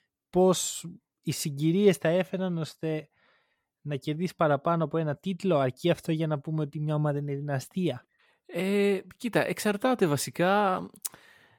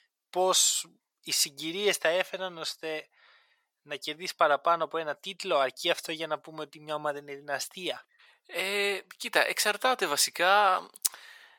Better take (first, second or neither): first